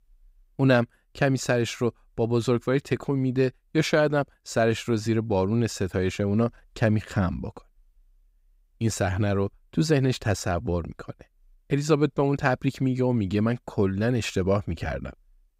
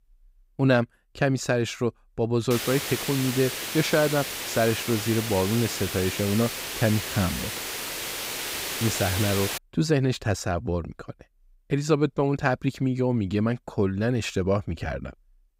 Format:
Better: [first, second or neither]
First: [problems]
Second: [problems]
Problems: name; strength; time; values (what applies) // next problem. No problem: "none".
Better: first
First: none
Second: hiss; loud; from 2.5 to 9.5 s; 4 dB below the speech